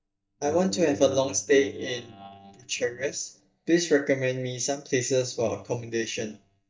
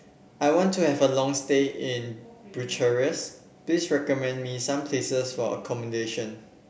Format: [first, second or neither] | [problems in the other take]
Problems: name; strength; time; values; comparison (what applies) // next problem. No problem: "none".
second | noise reduction (neural mask model DeepFilterNet 3)